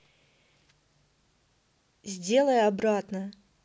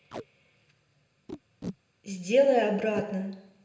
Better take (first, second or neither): first